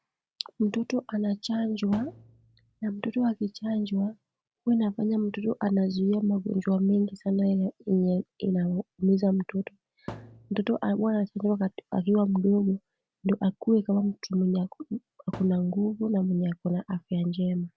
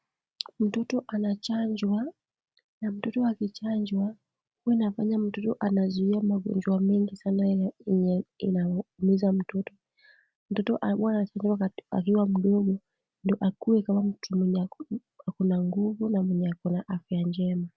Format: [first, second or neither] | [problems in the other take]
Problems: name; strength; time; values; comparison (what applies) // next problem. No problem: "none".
second | background sound (Thump, thud); 18 dB below the speech